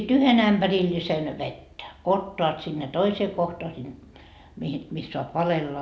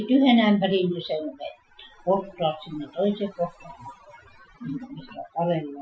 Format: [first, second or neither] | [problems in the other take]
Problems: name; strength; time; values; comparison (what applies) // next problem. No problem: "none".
first | noise reduction (classical method Wiener filter)